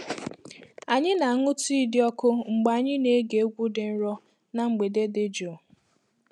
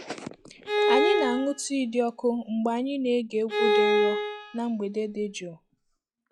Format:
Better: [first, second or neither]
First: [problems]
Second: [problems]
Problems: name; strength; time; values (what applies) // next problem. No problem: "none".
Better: first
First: none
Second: noise reduction (classical method log-MMSE)